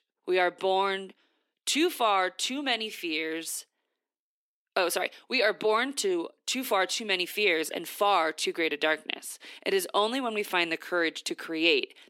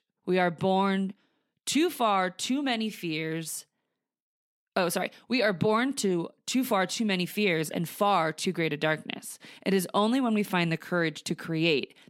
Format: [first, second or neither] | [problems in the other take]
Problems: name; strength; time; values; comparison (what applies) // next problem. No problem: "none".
second | thin; somewhat; fading below 350 Hz